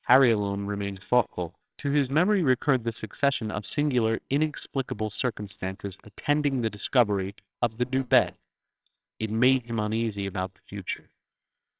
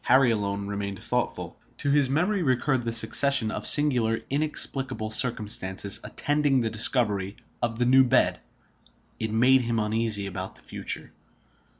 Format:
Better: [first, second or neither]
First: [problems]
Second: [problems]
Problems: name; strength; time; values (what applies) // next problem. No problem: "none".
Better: second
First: noise reduction (neural separator model SepFormer WHAMR!)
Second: none